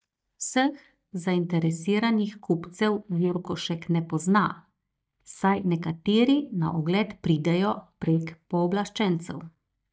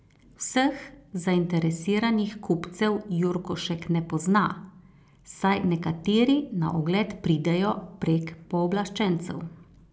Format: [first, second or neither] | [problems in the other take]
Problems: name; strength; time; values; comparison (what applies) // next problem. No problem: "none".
second | noise reduction (neural mask model DeepFilterNet 3)